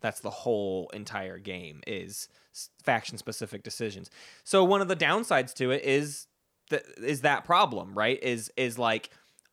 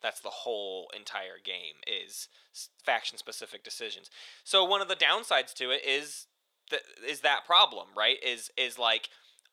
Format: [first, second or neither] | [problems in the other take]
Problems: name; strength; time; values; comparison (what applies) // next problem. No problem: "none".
first | thin; very; fading below 650 Hz